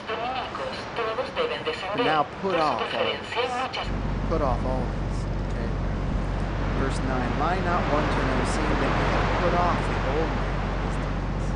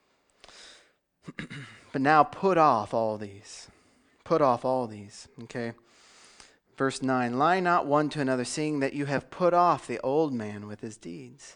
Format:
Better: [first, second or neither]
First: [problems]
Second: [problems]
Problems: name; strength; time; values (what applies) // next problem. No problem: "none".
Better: second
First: train or aircraft noise; very loud; throughout; 2 dB above the speech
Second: none